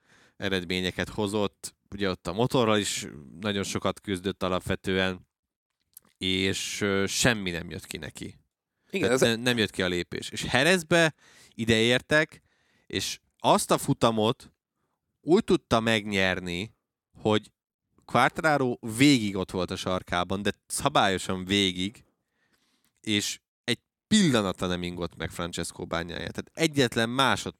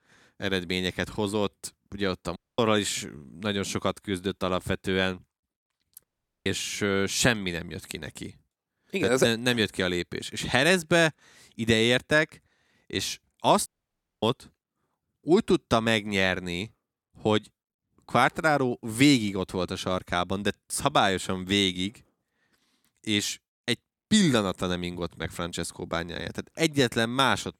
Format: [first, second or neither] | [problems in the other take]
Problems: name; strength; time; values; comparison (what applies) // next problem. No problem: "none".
first | audio cutting out; at 2.5 s, at 6 s and at 14 s for 0.5 s